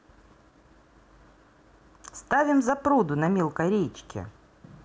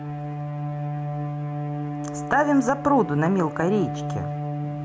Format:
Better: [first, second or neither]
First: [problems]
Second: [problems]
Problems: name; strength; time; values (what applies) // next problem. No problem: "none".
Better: first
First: none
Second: background sound (Bowed string instrument); 4 dB below the speech